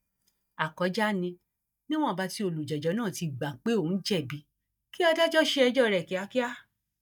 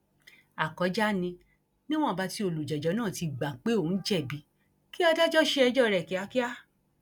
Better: second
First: noise reduction (neural mask model DeepFilterNet 3)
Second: none

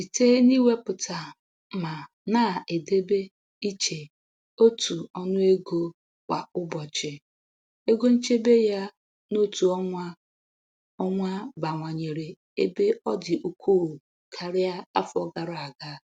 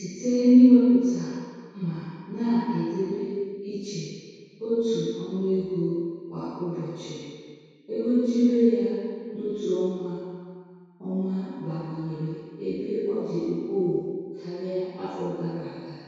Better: first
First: none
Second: room echo; dies away in 2 s

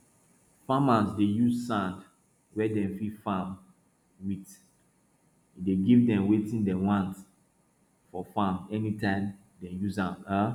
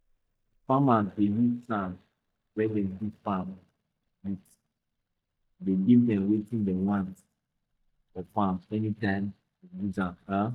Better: first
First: none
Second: noise reduction (neural mask model DeepFilterNet 3)

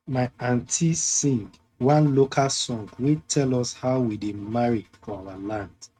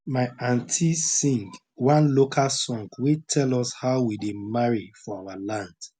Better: second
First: noise reduction (neural mask model RNNoise)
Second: none

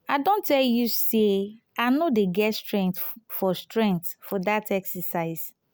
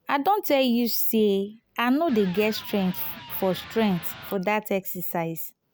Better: first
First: none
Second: background sound (Electric guitar); 18 dB below the speech

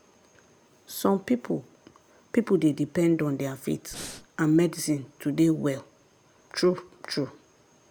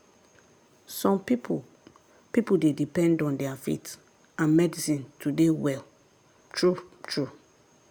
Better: second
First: background sound (Breathing); 12 dB below the speech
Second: none

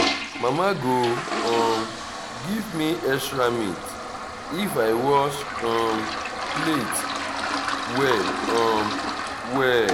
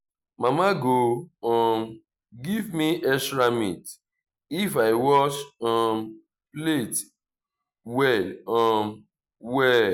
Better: second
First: background sound (Toilet flush); 4 dB below the speech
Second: none

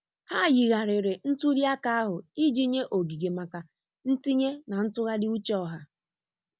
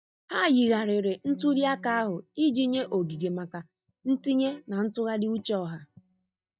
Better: first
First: none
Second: noise reduction (neural mask model DeepFilterNet 3)

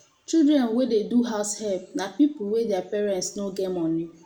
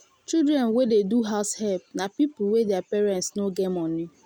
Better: second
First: room echo; dies away in 0.4 s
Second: none

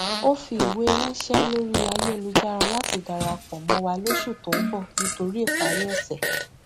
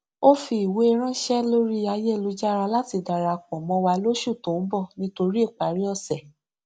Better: second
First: background sound (Fart); 1 dB above the speech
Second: none

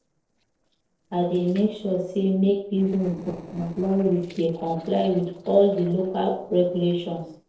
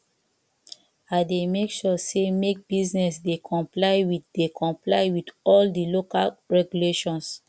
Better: second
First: noise reduction (neural separator model SepFormer DNS4)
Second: none

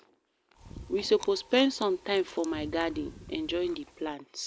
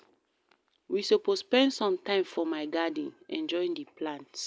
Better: second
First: background sound (Chewing, mastication); 17 dB below the speech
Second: none

